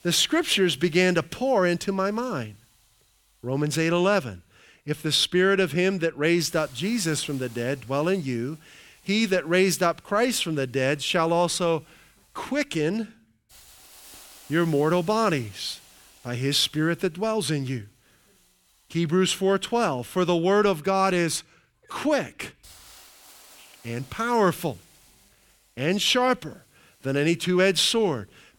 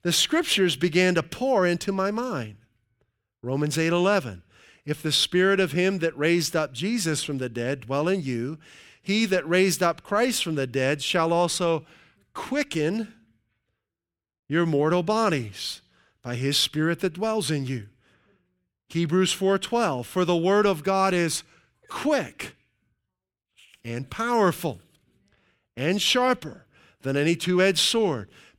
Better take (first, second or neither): second